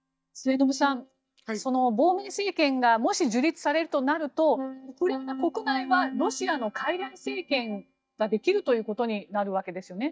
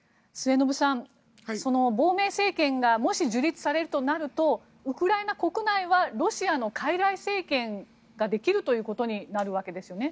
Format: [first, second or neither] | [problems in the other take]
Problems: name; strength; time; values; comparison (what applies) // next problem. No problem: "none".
second | noise reduction (neural mask model DeepFilterNet 3)